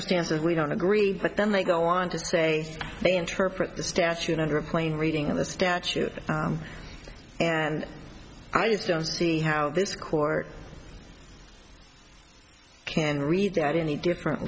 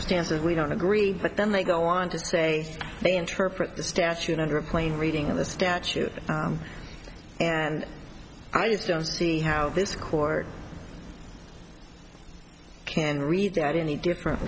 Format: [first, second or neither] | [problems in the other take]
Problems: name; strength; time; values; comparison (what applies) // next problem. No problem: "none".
first | background sound (Car passing by); 15 dB below the speech